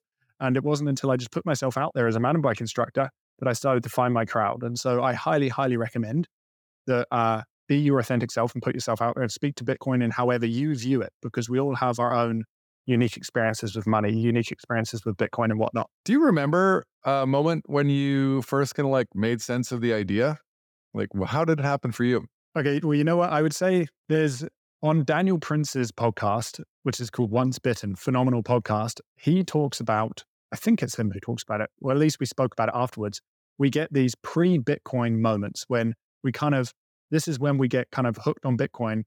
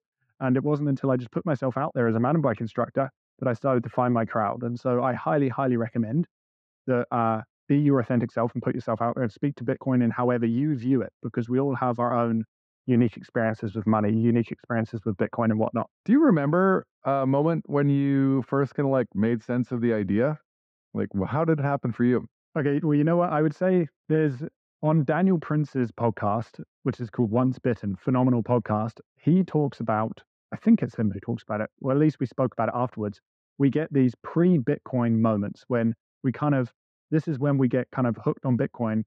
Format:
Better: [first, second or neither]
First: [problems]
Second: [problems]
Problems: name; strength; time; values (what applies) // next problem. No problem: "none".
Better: first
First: none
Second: muffled; very; fading above 1.5 kHz